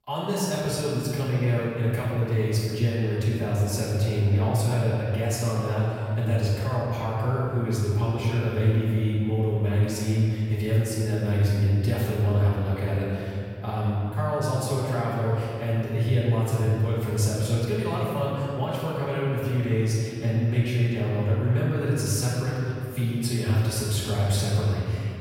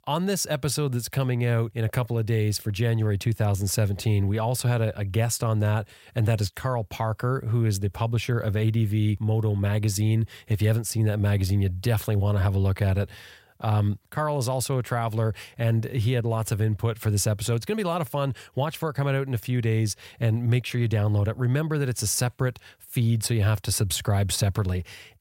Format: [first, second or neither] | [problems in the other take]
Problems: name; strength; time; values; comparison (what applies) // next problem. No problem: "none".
second | off-mic speech; far // room echo; strong; dies away in 2.5 s